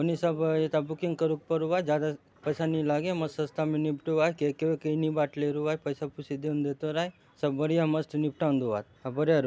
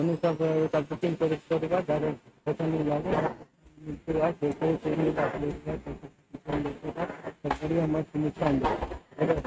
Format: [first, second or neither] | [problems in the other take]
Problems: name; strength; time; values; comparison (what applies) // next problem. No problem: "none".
first | noise reduction (neural mask model RNNoise)